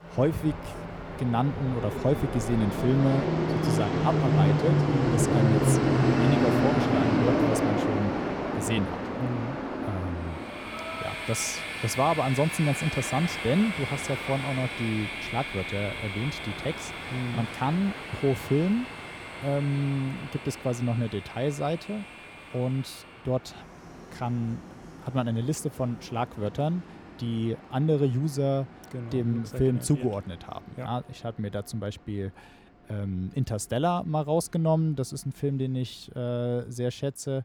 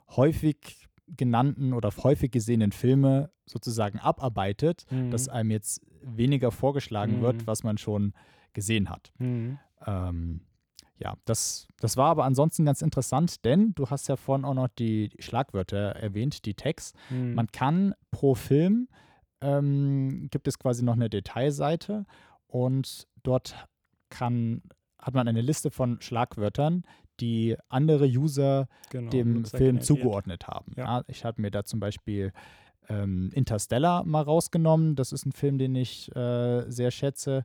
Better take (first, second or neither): second